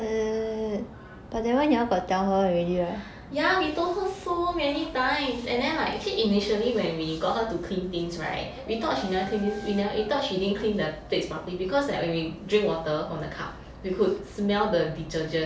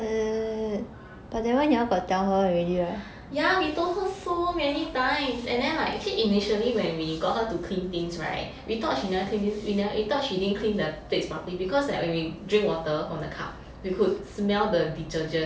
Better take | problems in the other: second | background sound (Dog); 17 dB below the speech

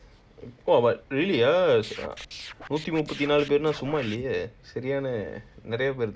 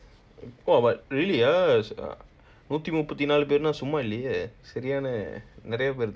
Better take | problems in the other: second | background sound (Scratching (performance technique)); 15 dB below the speech

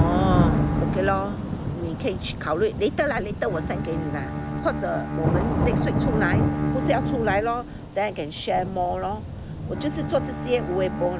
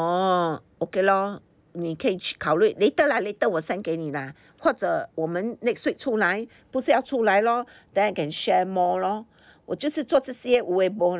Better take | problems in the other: second | background sound (Bowed string instrument + Thunder / Rain); 1 dB above the speech

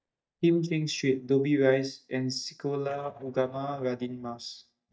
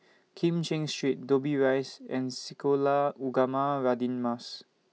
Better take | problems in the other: second | noise reduction (neural mask model DeepFilterNet 3)

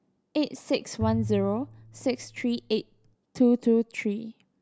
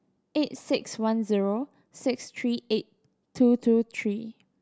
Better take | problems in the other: second | background sound (Bowed string instrument); 10 dB below the speech

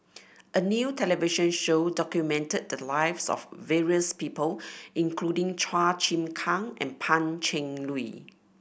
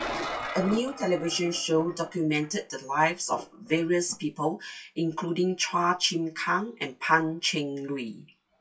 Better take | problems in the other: first | noise reduction (classical method WPE with log-MMSE)

